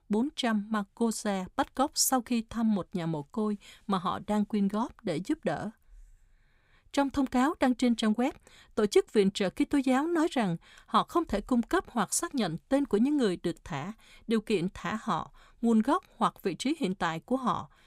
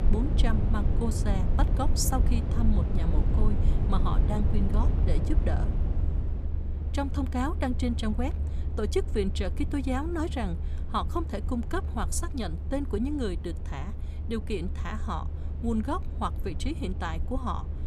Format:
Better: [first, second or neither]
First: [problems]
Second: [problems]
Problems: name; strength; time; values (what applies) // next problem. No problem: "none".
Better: first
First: none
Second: low rumble; loud; throughout; 9 dB below the speech